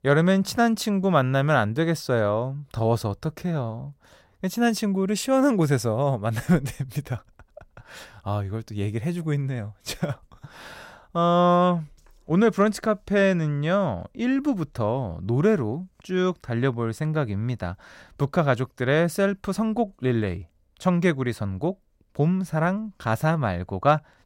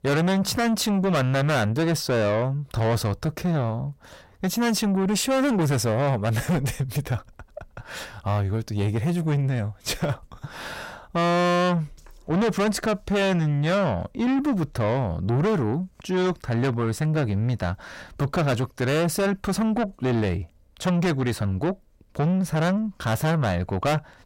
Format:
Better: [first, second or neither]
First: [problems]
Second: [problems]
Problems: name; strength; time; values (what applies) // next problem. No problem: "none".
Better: first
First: none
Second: distortion; heavy; 6 dB below the speech